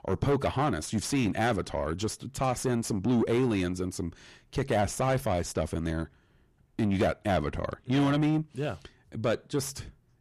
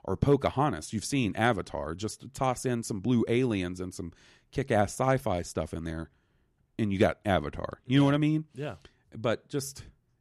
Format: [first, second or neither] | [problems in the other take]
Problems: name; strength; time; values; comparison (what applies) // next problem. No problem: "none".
second | distortion; heavy; 7 dB below the speech